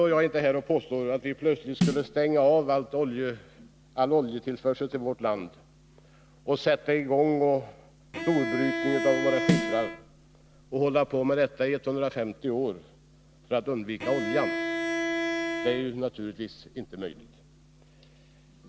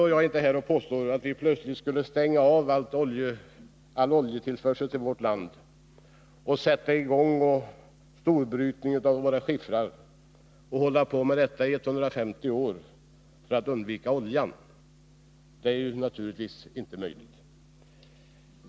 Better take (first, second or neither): second